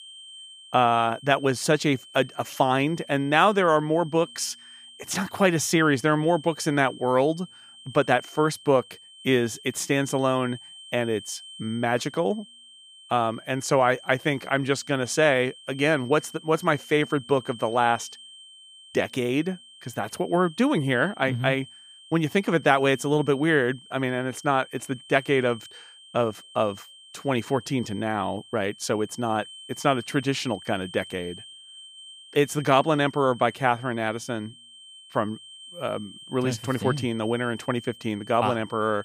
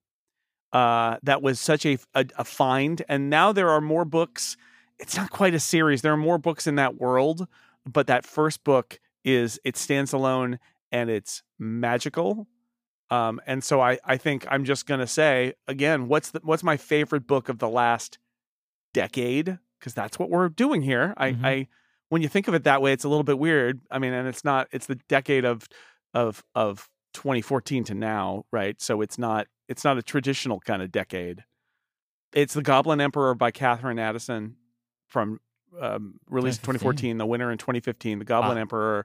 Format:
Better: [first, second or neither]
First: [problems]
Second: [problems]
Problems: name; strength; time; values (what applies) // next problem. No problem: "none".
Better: second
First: high-pitched whine; noticeable; throughout; 3 kHz, 20 dB below the speech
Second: none